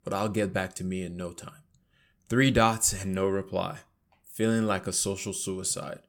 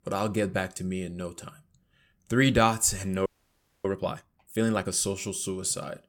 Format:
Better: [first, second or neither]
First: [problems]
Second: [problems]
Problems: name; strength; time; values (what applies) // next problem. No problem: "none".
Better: first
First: none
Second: audio freezing; at 3.5 s for 0.5 s